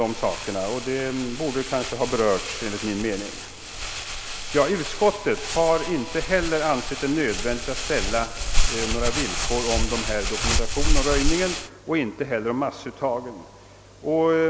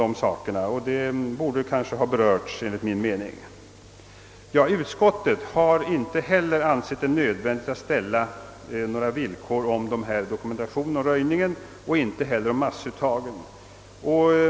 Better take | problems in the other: second | background sound (Crumpling, crinkling); 1 dB below the speech

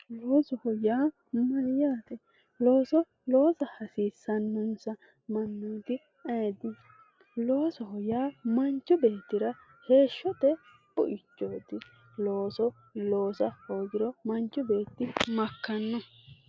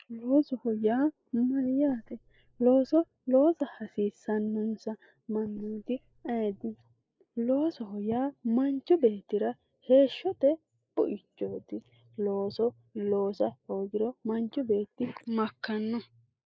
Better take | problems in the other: first | noise reduction (neural mask model Resemble Enhance denoiser)

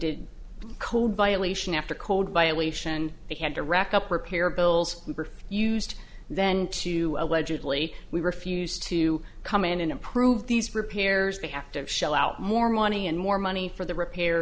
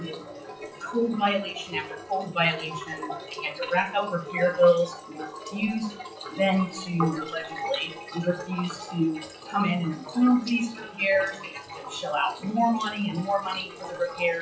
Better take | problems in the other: first | noise reduction (classical method WPE with log-MMSE)

